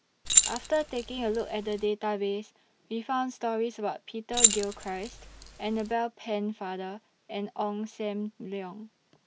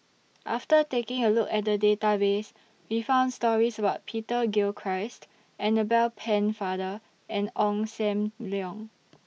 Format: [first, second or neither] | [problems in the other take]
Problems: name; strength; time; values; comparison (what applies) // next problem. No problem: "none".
second | background sound (Keys jangling); 5 dB above the speech